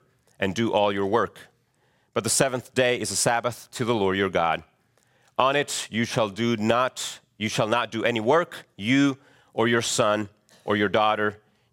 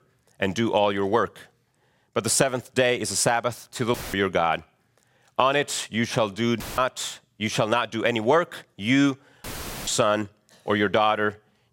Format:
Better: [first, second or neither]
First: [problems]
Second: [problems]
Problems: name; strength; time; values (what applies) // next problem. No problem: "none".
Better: first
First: none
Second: audio cutting out; filled with static; at 4 s, at 6.5 s and at 9.5 s